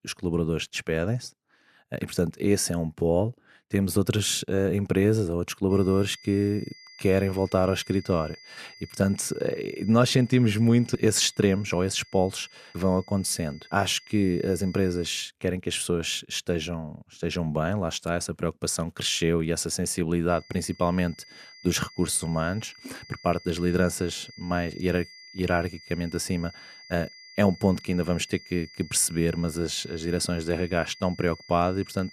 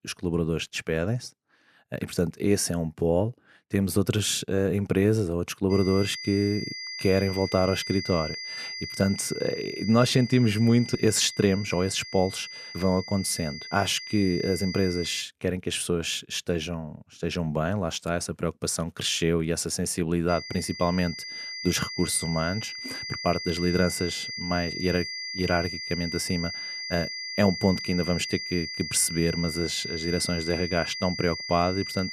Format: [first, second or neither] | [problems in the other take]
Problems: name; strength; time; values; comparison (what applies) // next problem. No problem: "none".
first | high-pitched whine; loud; from 5.5 to 15 s and from 20 s on; 5 kHz, 7 dB below the speech; faint in the first